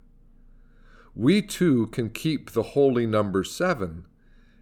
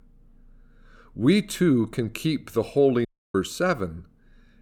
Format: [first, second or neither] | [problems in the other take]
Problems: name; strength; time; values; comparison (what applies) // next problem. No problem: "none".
first | audio cutting out; at 3 s